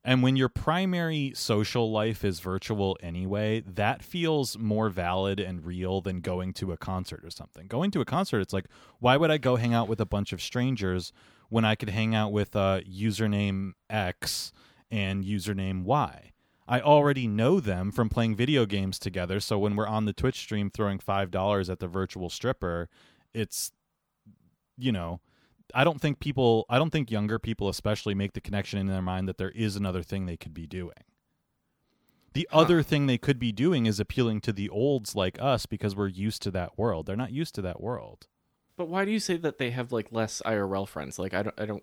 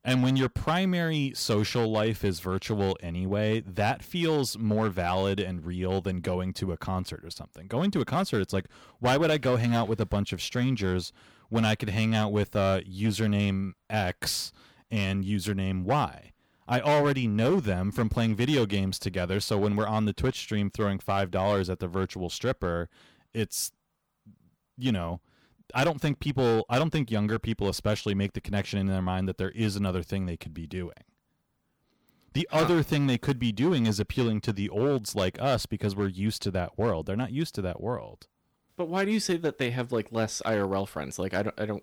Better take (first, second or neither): first